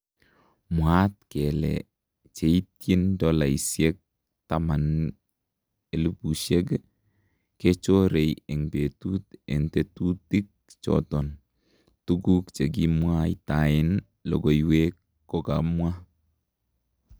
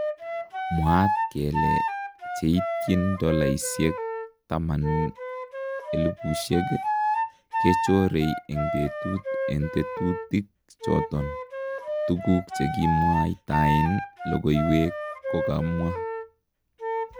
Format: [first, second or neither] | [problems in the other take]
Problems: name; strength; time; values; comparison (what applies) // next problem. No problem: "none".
first | background sound (Wind instrument, woodwind instrument); 3 dB below the speech